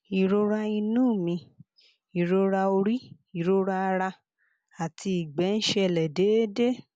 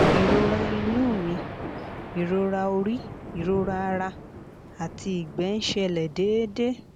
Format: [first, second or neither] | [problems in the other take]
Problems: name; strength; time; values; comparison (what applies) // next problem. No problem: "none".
first | background sound (Thunder); 3 dB below the speech